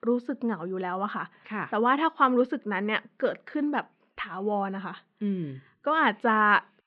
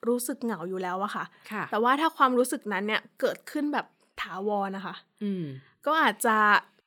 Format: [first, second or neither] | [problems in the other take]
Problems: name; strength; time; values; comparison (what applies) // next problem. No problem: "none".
second | muffled; very; fading above 3 kHz